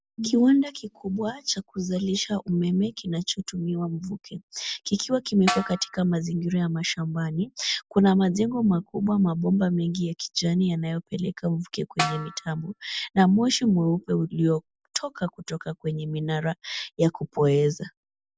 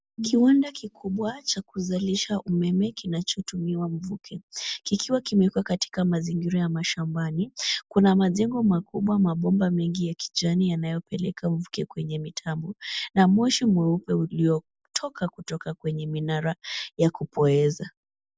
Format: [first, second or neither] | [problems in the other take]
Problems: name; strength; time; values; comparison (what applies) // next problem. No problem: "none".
second | background sound (Snare drum); 7 dB below the speech